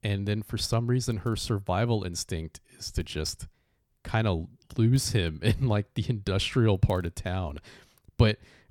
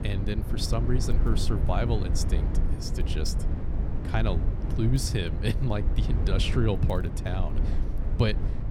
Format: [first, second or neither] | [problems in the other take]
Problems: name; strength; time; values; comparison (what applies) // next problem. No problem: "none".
first | low rumble; loud; throughout; 8 dB below the speech